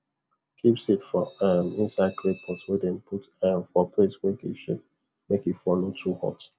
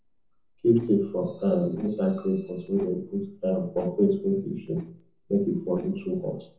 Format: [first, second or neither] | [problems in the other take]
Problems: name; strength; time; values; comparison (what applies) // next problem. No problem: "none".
first | noise reduction (neural separator model SepFormer DNS4)